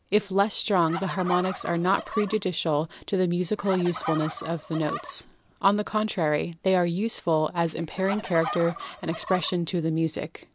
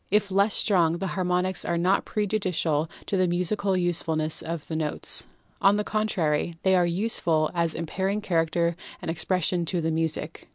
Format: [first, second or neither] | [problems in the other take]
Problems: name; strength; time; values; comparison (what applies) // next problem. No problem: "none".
second | background sound (Fowl); 11 dB below the speech